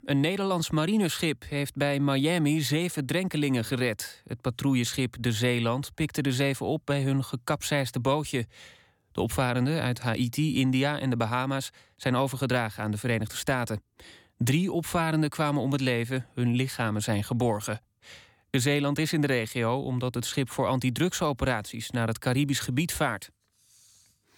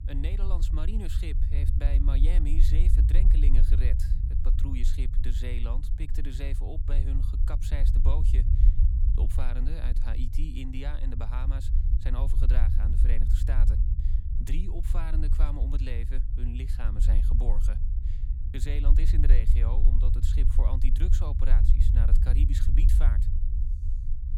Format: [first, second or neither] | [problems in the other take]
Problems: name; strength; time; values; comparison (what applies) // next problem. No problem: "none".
first | low rumble; loud; throughout; 3 dB below the speech